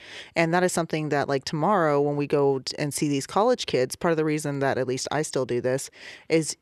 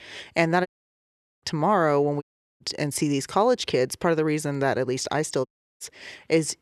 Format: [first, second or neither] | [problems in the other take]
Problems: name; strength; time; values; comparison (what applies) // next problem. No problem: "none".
first | audio cutting out; at 0.5 s for 1 s, at 2 s and at 5.5 s